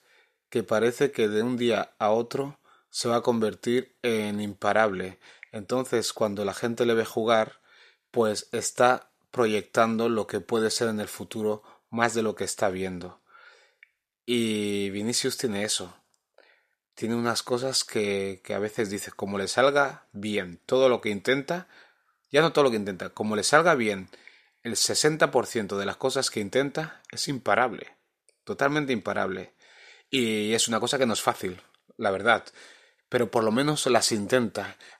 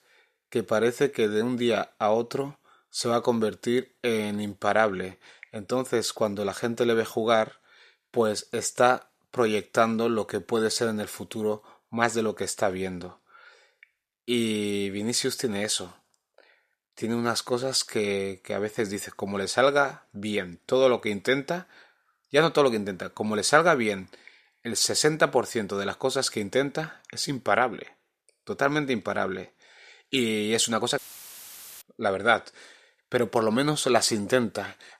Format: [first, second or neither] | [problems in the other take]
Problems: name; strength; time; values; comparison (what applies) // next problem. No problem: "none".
first | audio cutting out; filled with static; at 31 s for 1 s